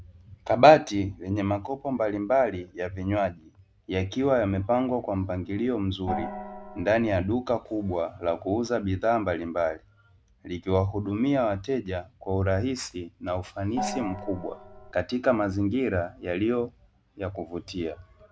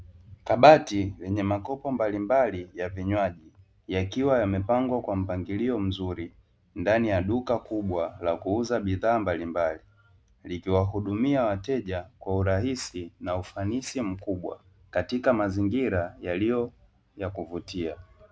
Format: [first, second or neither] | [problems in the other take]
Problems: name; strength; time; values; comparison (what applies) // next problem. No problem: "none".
second | background sound (Gong); 8 dB below the speech